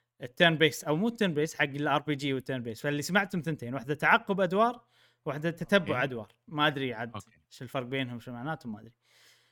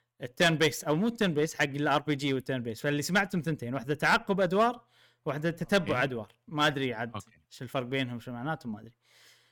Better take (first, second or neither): first